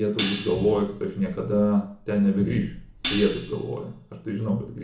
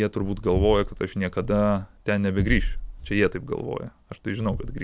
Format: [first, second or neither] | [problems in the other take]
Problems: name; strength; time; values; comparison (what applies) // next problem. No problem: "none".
second | background sound (Hi-hat); 11 dB below the speech // room echo; dies away in 0.7 s